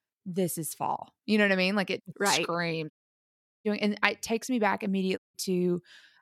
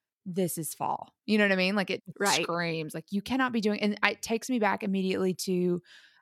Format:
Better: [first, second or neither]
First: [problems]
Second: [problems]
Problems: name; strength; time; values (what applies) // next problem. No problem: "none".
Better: second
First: audio cutting out; at 3 s for 0.5 s and at 5 s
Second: none